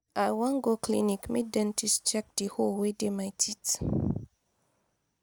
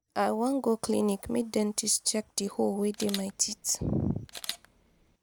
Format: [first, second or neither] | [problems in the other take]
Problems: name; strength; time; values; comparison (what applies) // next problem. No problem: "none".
first | background sound (Camera); 14 dB below the speech